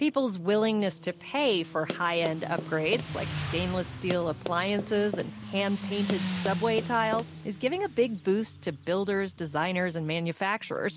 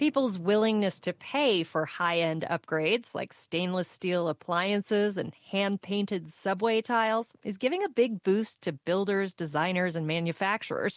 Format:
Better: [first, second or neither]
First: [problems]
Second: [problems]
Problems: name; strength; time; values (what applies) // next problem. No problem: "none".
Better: second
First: background sound (Run + Motorcycle); 9 dB below the speech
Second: none